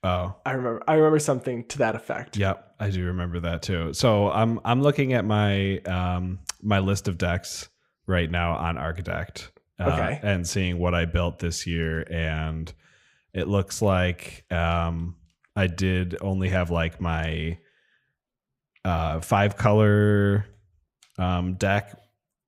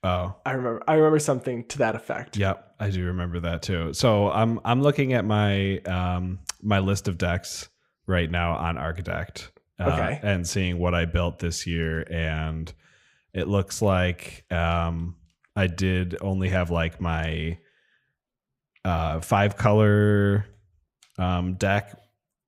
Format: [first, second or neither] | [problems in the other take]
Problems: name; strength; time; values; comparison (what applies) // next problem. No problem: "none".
neither | none